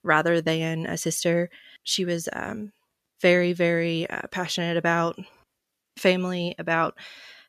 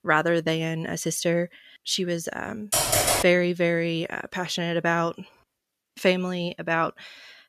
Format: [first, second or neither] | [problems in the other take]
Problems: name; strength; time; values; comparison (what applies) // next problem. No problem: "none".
first | keyboard typing; loud; at 2.5 s; peak 5 dB above the speech